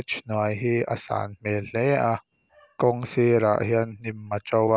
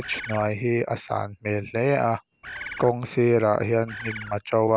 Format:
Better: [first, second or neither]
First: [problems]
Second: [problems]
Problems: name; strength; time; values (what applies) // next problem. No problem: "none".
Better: first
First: none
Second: background sound (Bird); 12 dB below the speech